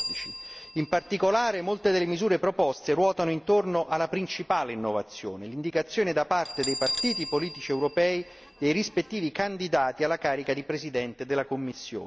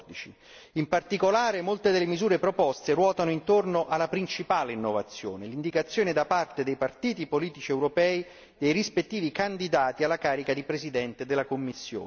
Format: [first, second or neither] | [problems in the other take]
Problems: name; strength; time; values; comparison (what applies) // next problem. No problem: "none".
second | background sound (Bell); 14 dB below the speech